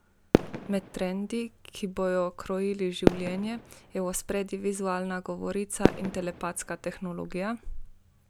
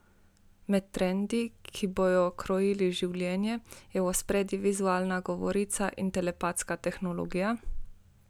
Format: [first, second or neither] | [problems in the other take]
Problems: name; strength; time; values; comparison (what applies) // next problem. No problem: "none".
second | background sound (Fireworks); as loud as the speech